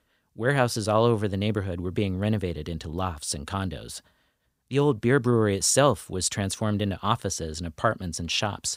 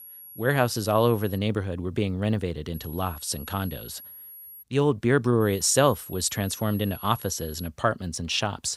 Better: first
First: none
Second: high-pitched whine; noticeable; until 1.5 s, from 2.5 to 4.5 s and from 5.5 to 7.5 s; 11.5 kHz, 15 dB below the speech

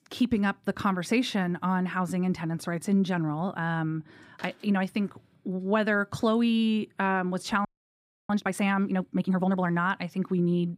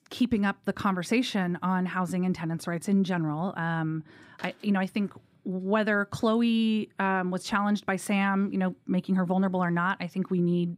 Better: second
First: audio freezing; at 7.5 s for 0.5 s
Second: none

